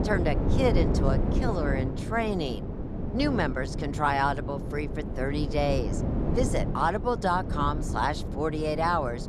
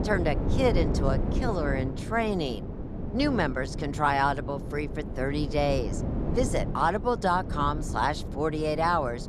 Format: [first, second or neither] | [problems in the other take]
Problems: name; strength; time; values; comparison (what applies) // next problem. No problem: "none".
second | wind noise on the microphone; heavy; 9 dB below the speech; occasional gusts in the second